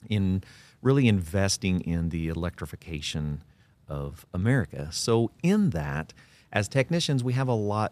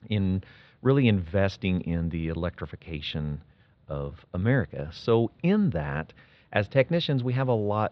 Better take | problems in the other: first | muffled; very; fading above 4 kHz

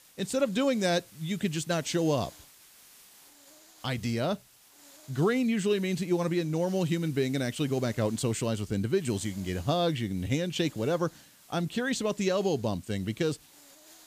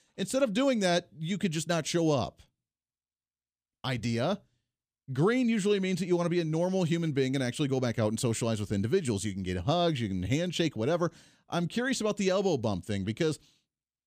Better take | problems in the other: second | hiss; faint; throughout; 25 dB below the speech

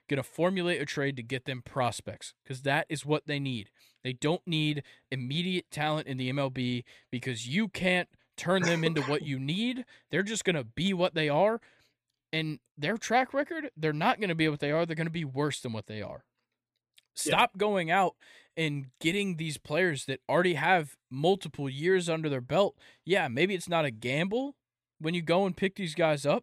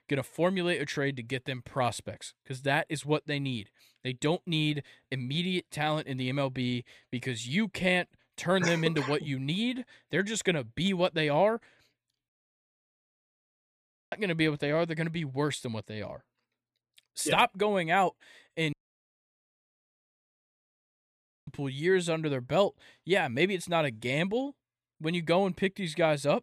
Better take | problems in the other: first | audio cutting out; at 12 s for 2 s and at 19 s for 2.5 s

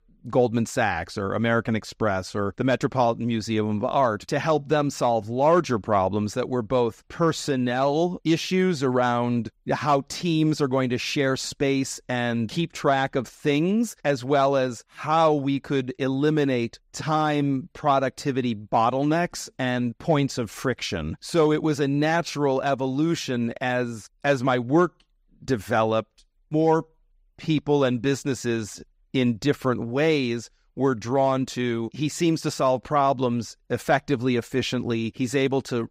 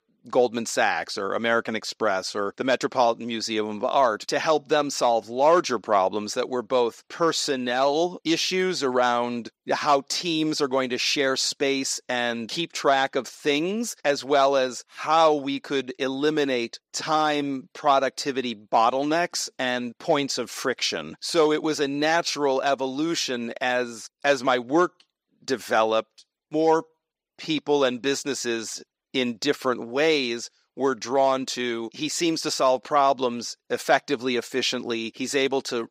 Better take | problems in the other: first | thin; very slightly; fading below 350 Hz

